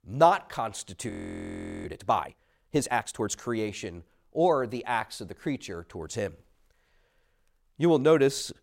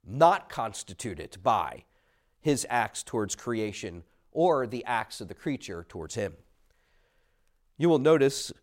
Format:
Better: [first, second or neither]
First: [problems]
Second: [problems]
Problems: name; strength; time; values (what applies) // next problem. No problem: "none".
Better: second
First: audio freezing; at 1 s for 0.5 s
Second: none